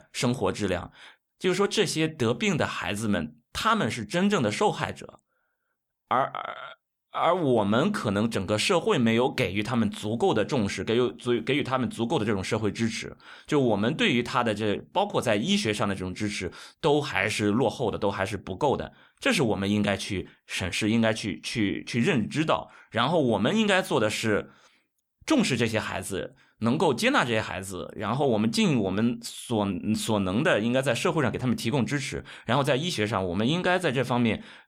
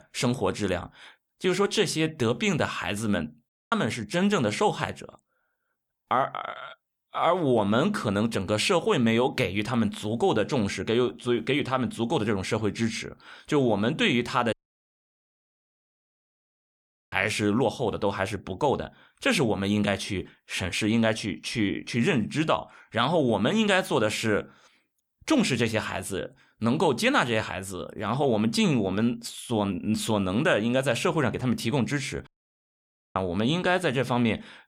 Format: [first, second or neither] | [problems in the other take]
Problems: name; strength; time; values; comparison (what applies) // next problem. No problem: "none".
first | audio cutting out; at 3.5 s, at 15 s for 2.5 s and at 32 s for 1 s